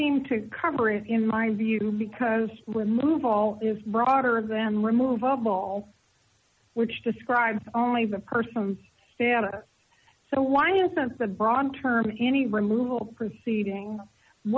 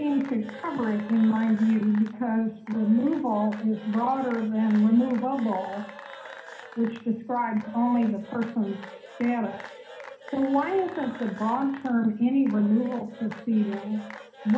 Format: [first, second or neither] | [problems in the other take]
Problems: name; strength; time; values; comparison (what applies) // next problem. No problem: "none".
first | background sound (Applause / Cheering / Clapping); 18 dB below the speech // room echo; dies away in 0.5 s